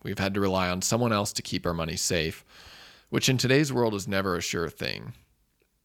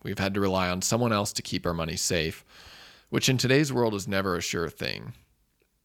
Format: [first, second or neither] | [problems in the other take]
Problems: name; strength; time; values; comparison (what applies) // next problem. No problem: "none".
neither | none